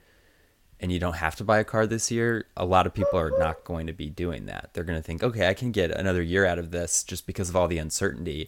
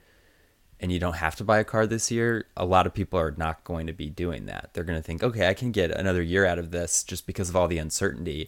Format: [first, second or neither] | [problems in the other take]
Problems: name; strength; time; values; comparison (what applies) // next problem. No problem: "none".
second | dog barking; loud; at 3 s; peak level with the speech